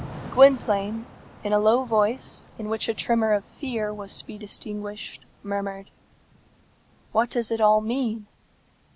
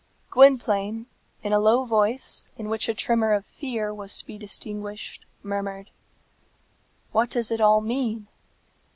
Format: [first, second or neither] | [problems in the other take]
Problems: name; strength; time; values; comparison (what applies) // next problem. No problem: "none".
second | background sound (Thunder / Rain); 20 dB below the speech